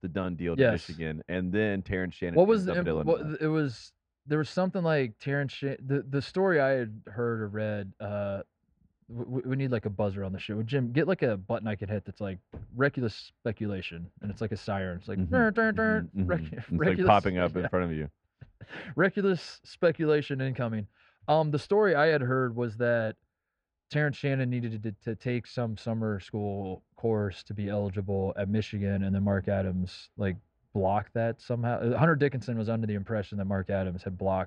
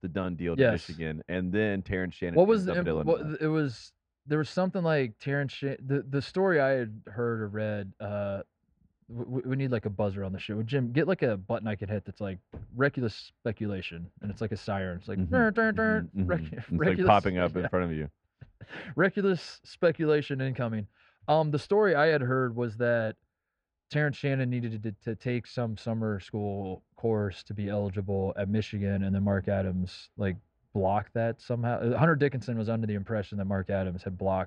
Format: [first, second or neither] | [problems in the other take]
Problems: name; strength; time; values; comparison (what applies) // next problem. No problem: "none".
neither | muffled; very; fading above 2 kHz; the same in both